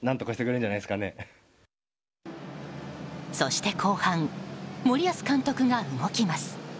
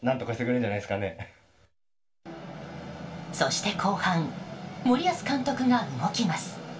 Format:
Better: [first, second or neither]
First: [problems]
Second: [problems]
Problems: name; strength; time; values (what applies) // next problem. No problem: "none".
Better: first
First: none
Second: room echo; dies away in 0.2 s